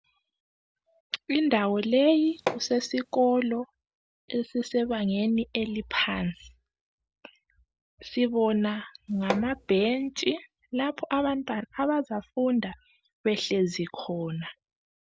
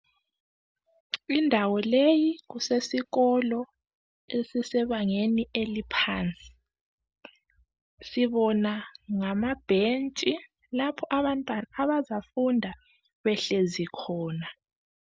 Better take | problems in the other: second | background sound (Hammer); 7 dB below the speech

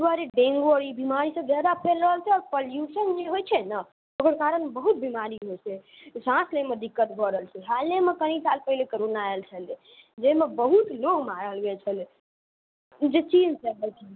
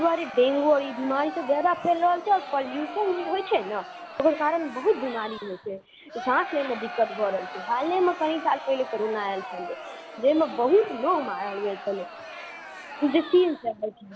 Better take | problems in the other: first | background sound (Crowd); 12 dB below the speech

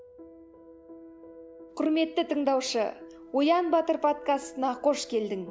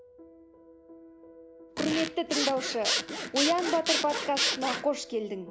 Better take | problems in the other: first | background sound (Zipper (clothing) / Sawing); as loud as the speech

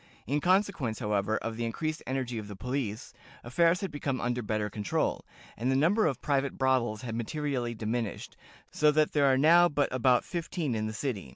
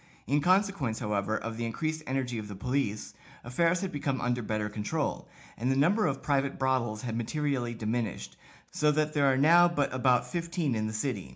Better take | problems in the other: first | room echo; dies away in 0.4 s

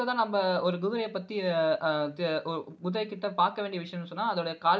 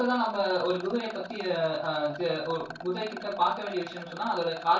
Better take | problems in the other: first | background sound (Rattle); 13 dB below the speech // room echo; dies away in 0.2 s

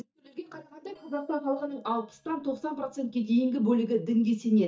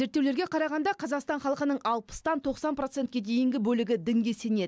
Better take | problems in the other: second | noise reduction (neural mask model DeepFilterNet 3)

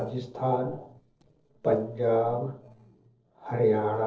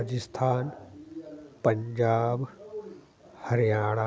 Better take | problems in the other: second | noise reduction (neural separator model SepFormer DNS4)

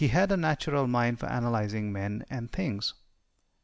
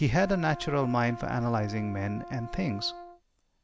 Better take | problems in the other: first | background sound (Brass instrument); 14 dB below the speech

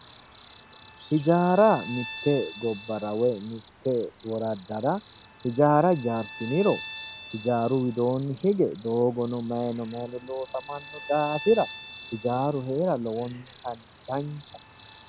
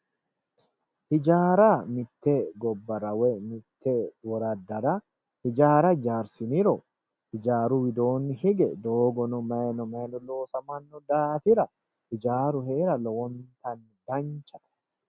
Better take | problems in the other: second | background sound (Cricket + Bowed string instrument); 17 dB below the speech

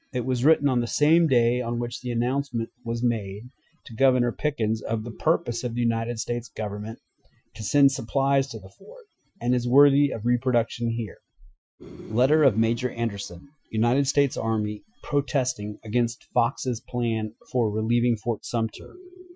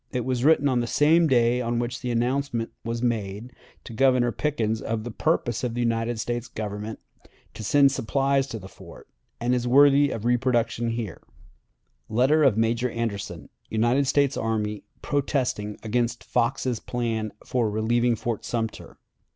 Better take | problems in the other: second | noise reduction (classical method Wiener filter)

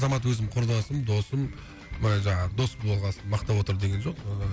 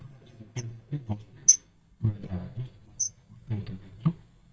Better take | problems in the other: first | noise reduction (neural mask model DeepFilterNet 3)

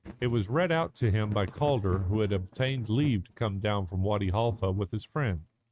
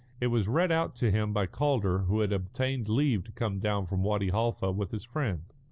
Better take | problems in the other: second | noise reduction (neural mask model RNNoise)

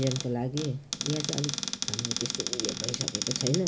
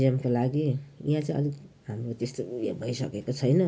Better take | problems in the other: second | background sound (Cupboard open or close); 1 dB below the speech

